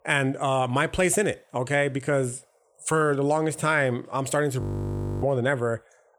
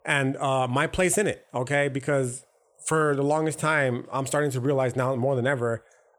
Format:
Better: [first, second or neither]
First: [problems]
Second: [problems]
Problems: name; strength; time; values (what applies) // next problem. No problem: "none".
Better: second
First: audio freezing; at 4.5 s for 0.5 s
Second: none